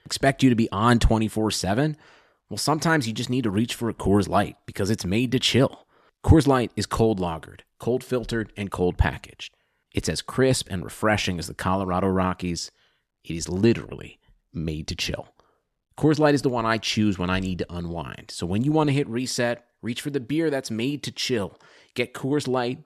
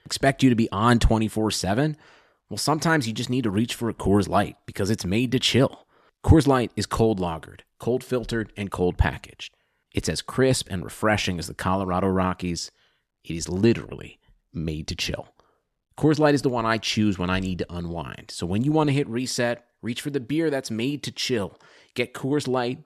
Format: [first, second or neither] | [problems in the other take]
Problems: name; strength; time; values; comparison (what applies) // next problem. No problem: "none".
neither | none